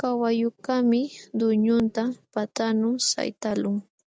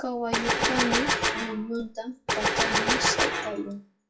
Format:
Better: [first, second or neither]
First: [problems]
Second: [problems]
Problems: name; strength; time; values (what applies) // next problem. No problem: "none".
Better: first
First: none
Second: noise reduction (classical method WPE with log-MMSE)